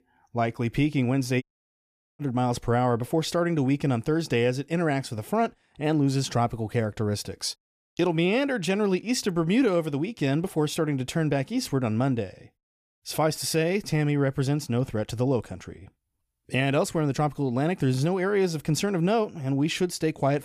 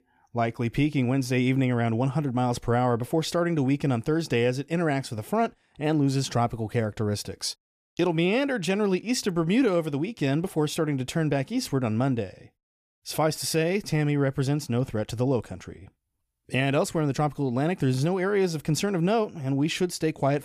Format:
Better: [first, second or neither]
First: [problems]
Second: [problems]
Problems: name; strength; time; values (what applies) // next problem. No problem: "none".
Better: second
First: audio cutting out; at 1.5 s for 1 s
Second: none